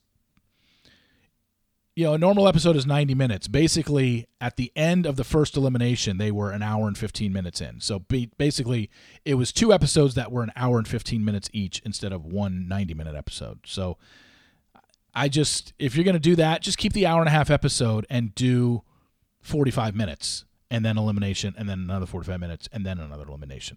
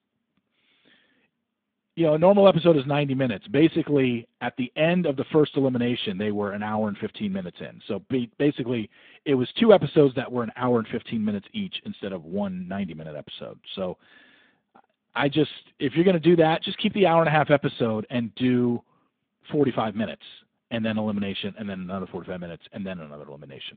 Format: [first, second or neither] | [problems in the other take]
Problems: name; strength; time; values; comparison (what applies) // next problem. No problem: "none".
first | phone-call audio; nothing above 3.5 kHz